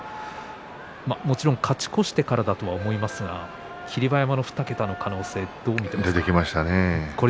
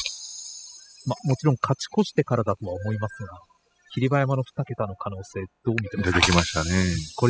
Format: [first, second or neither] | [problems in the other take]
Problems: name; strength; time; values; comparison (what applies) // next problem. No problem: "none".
first | noise reduction (classical method spectral subtraction)